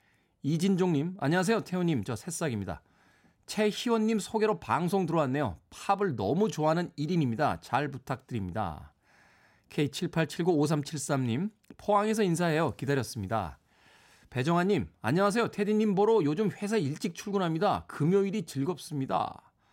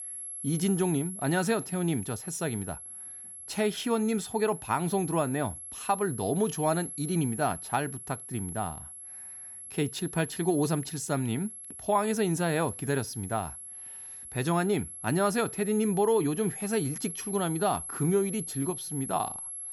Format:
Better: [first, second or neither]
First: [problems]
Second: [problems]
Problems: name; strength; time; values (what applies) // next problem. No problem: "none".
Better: first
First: none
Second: high-pitched whine; loud; throughout; 11 kHz, 9 dB below the speech